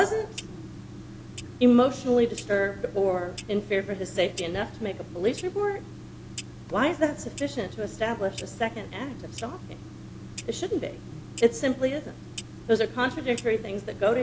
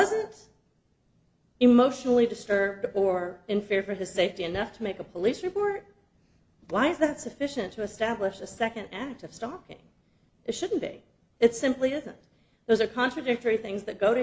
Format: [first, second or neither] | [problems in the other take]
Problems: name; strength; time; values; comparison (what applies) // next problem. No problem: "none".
second | background sound (Clock); 13 dB below the speech